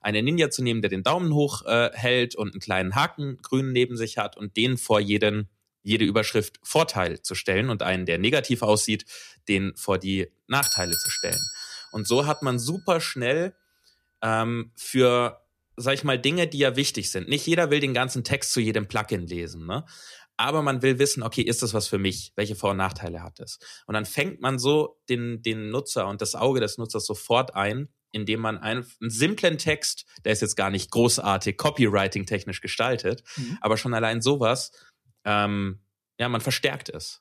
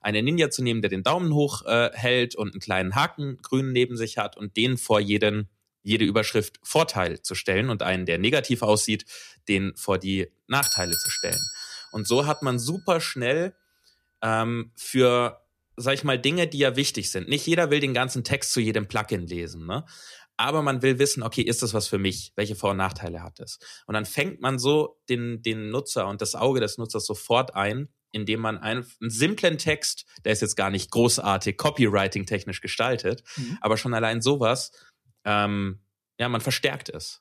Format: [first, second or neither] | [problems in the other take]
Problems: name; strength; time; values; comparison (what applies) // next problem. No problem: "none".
neither | doorbell; loud; from 11 to 12 s; peak 2 dB above the speech; the same in both